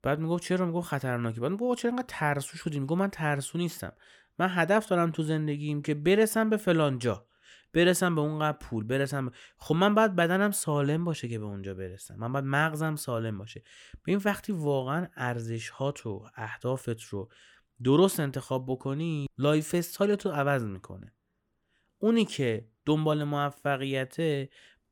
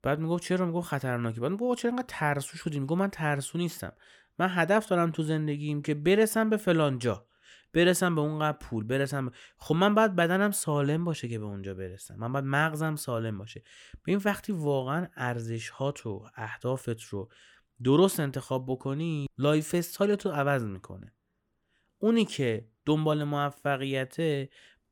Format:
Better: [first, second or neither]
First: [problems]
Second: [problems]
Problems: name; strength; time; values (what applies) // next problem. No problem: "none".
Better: neither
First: none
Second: none